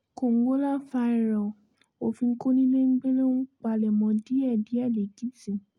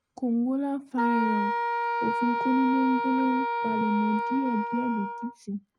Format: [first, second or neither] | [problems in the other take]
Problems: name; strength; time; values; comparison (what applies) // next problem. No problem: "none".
first | noise reduction (neural mask model RNNoise)